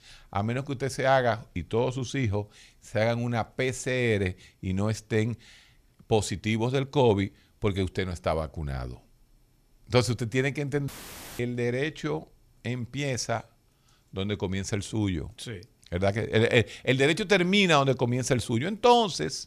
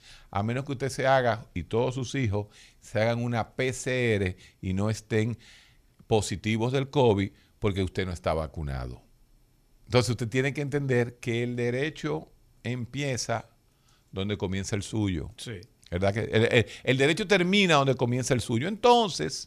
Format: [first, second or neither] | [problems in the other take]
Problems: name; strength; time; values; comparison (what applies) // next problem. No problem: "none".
second | audio cutting out; filled with static; at 11 s for 0.5 s